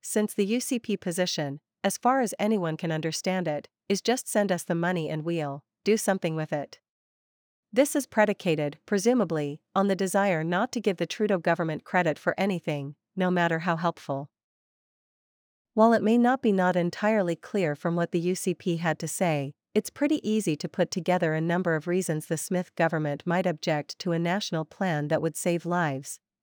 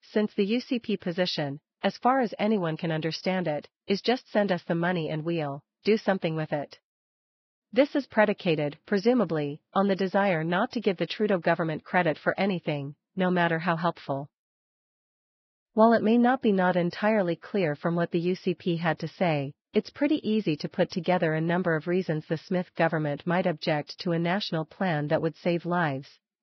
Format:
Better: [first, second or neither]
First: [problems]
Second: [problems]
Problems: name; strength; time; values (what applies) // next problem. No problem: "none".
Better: first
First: none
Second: garbled, watery; badly; nothing above 5.5 kHz